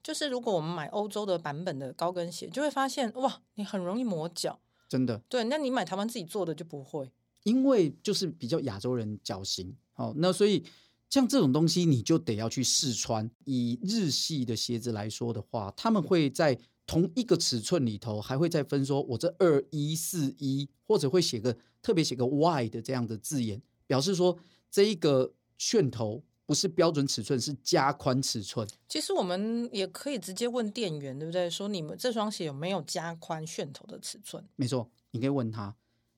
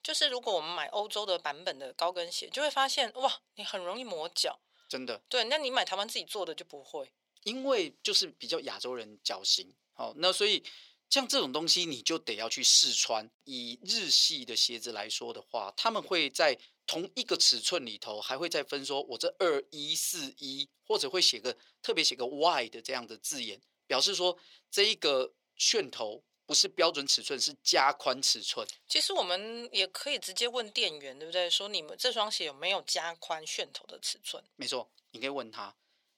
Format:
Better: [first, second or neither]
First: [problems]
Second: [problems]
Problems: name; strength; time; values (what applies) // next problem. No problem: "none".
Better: first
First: none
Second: thin; very; fading below 600 Hz